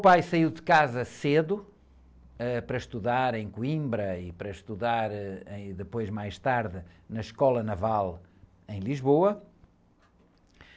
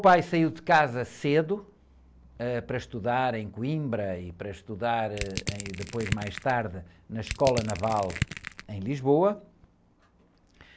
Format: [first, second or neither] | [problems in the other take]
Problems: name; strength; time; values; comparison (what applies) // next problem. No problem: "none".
first | background sound (Crushing); 8 dB below the speech